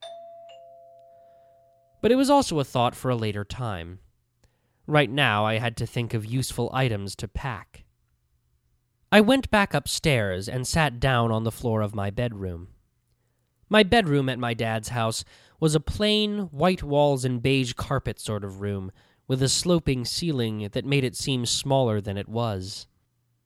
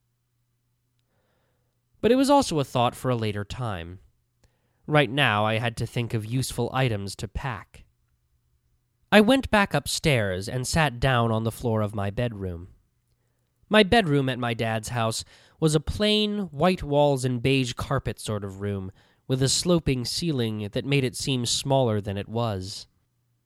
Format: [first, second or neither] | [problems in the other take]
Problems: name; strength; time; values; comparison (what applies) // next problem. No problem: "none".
second | doorbell; faint; until 1.5 s; peak 15 dB below the speech